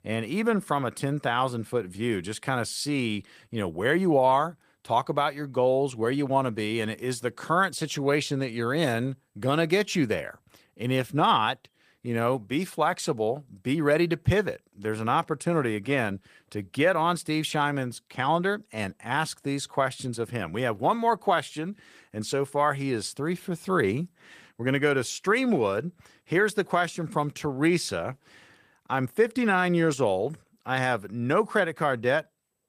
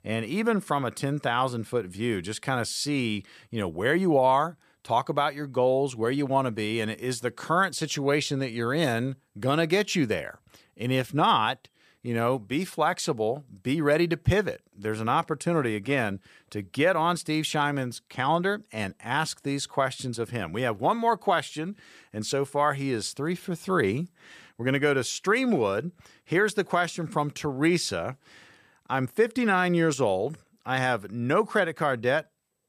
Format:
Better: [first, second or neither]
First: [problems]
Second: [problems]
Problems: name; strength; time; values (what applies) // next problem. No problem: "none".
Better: second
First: garbled, watery; slightly; nothing above 15 kHz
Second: none